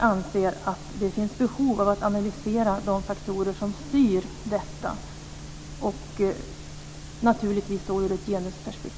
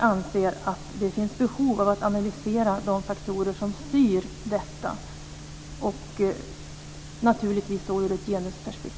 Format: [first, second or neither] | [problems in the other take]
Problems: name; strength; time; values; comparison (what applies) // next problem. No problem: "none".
second | background sound (Bird); 18 dB below the speech